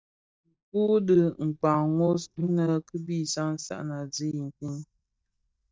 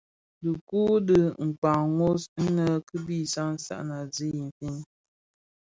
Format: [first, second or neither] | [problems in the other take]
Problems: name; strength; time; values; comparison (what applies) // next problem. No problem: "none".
second | noise reduction (neural mask model DeepFilterNet 3)